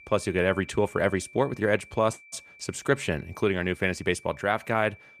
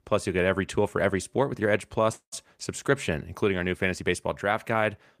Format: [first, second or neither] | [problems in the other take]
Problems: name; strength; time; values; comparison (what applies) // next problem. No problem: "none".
second | high-pitched whine; faint; throughout; 2.5 kHz, 20 dB below the speech